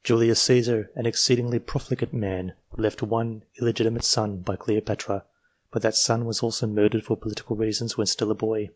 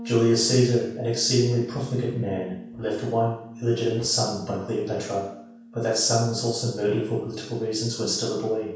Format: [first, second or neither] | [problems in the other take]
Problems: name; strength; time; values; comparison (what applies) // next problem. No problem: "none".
first | background sound (Bass guitar); 17 dB below the speech // room echo; dies away in 0.7 s